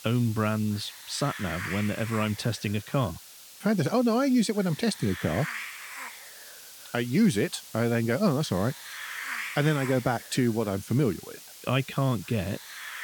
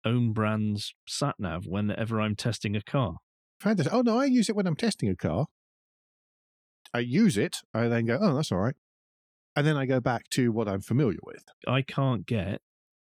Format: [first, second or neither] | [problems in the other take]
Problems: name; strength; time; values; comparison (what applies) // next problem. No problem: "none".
second | hiss; noticeable; throughout; 10 dB below the speech